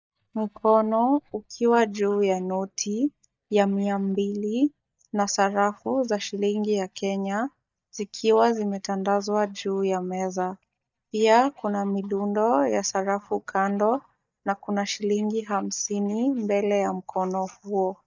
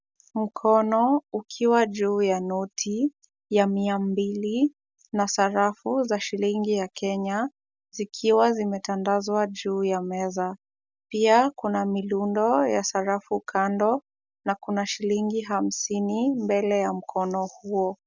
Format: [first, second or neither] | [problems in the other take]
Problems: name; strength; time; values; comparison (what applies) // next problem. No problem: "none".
second | noise reduction (neural mask model DeepFilterNet 3)